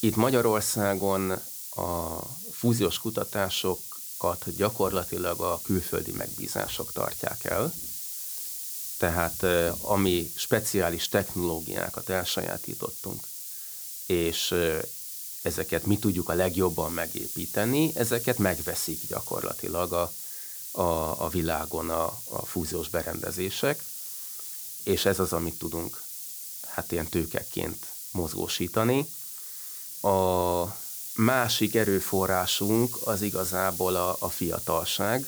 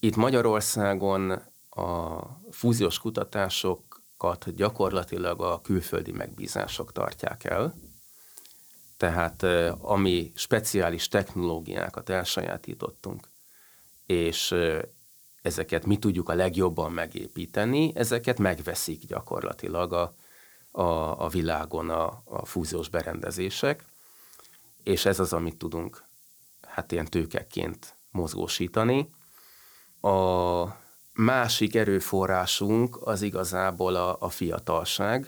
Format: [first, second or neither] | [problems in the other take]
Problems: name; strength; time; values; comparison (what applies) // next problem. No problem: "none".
second | hiss; loud; throughout; 5 dB below the speech; faint in the second